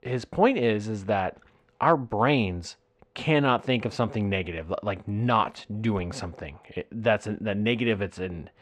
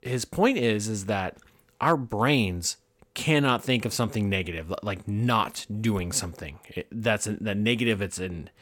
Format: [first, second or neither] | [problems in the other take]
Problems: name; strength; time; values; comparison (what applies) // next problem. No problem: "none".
second | muffled; slightly; fading above 3.5 kHz